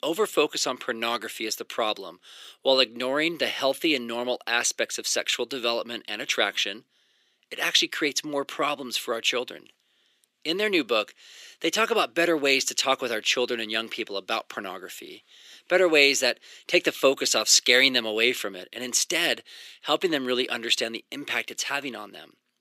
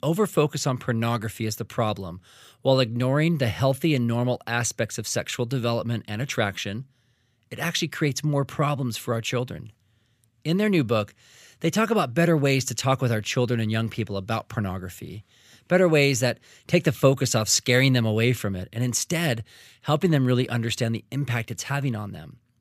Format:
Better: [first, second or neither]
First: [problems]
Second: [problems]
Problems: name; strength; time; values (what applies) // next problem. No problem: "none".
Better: second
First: thin; somewhat; fading below 300 Hz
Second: none